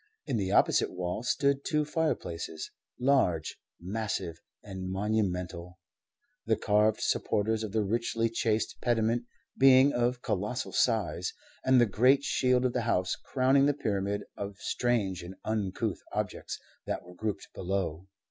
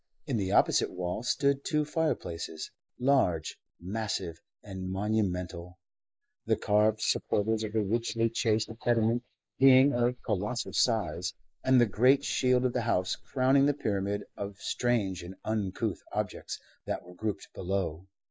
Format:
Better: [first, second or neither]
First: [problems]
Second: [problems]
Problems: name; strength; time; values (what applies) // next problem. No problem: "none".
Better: first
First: none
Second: noise reduction (neural mask model Resemble Enhance denoiser)